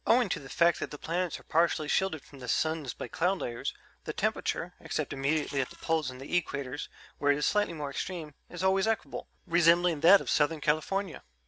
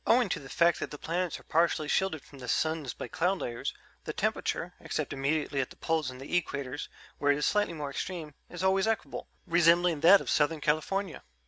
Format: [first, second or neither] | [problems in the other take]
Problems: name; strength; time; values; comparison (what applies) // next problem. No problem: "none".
second | noise reduction (neural separator model SepFormer DNS4)